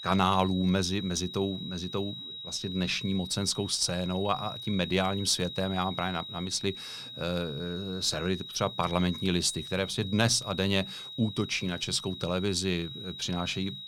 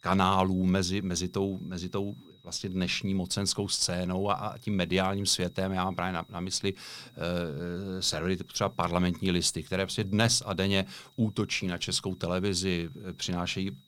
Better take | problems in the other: second | high-pitched whine; loud; throughout; 4 kHz, 9 dB below the speech; faint in the second

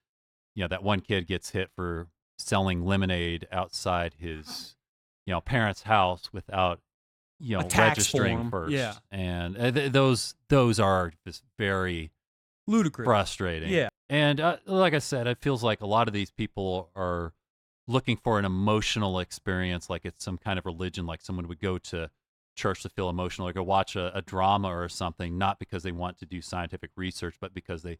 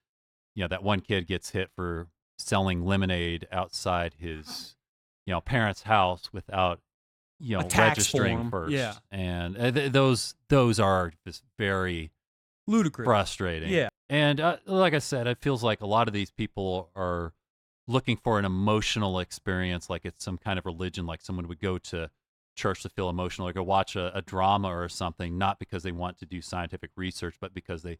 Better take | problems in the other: neither | none

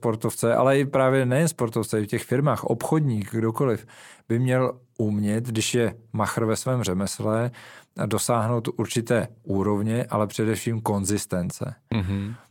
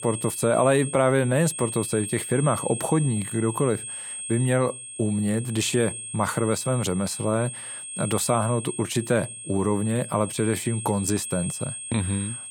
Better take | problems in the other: first | high-pitched whine; loud; throughout; 8.5 kHz, 8 dB below the speech

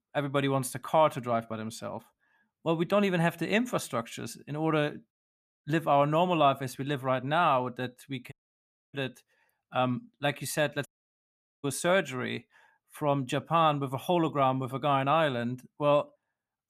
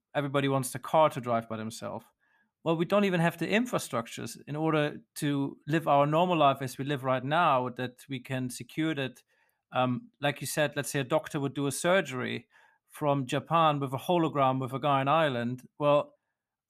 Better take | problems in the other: second | audio cutting out; at 5 s for 0.5 s, at 8.5 s for 0.5 s and at 11 s for 1 s

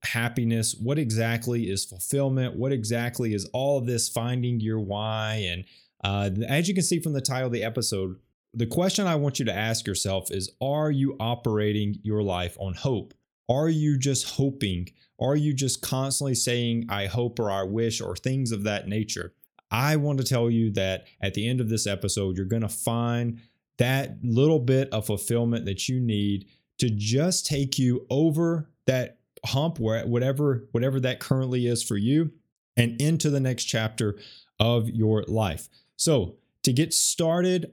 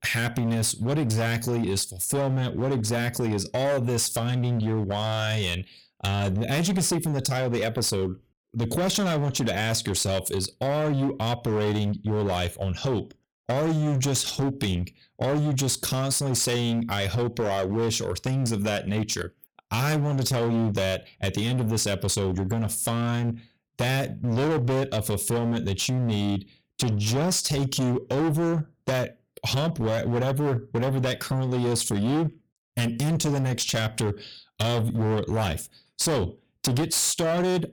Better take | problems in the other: first | distortion; heavy; 21% of the sound clipped

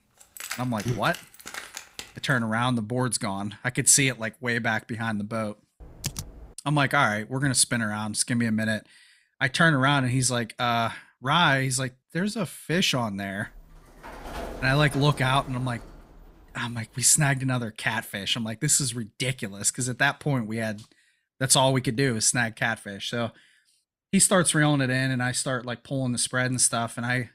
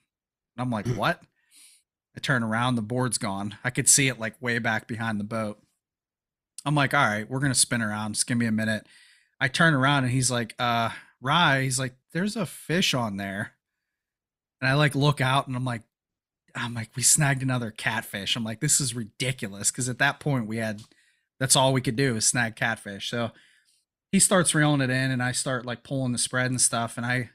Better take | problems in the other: second | jangling keys; faint; until 2.5 s; peak 10 dB below the speech // keyboard typing; noticeable; at 6 s; peak 10 dB below the speech // door banging; faint; from 13 to 17 s; peak 10 dB below the speech

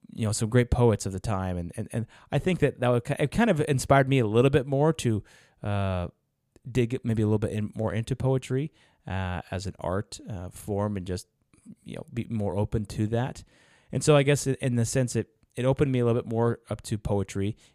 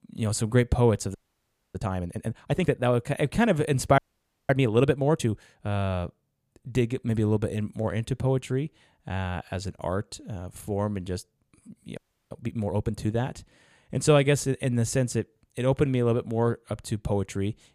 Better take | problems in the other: first | audio freezing; at 1 s for 0.5 s, at 4 s for 0.5 s and at 12 s

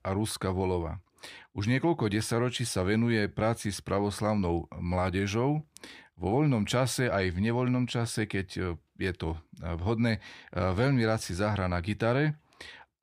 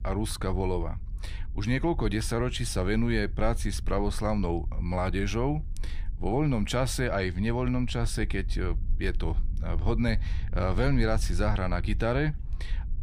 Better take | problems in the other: first | low rumble; faint; throughout; 25 dB below the speech

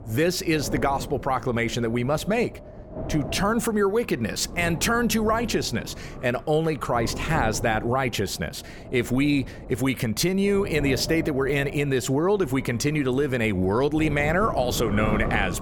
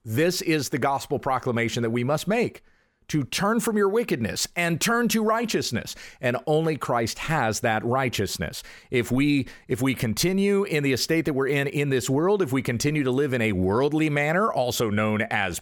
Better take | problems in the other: second | wind noise on the microphone; occasional gusts; 15 dB below the speech

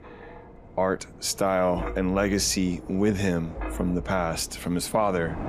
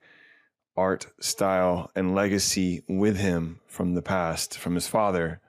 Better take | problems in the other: second | wind noise on the microphone; occasional gusts; 15 dB below the speech

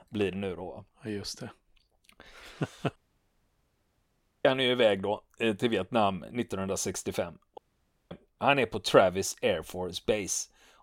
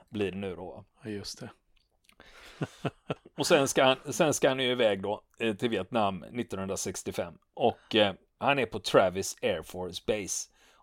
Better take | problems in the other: second | audio cutting out; at 3 s for 1.5 s and at 7.5 s for 0.5 s

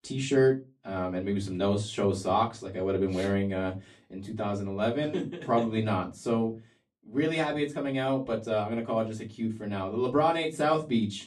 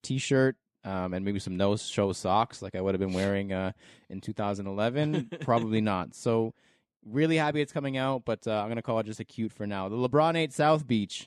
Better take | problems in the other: second | off-mic speech; far // room echo; very slight; dies away in 0.2 s

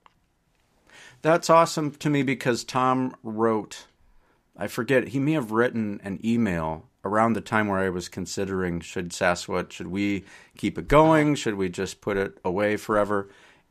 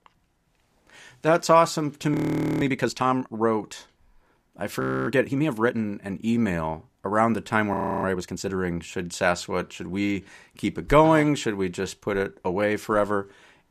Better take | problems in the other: first | audio freezing; at 2 s, at 5 s and at 7.5 s

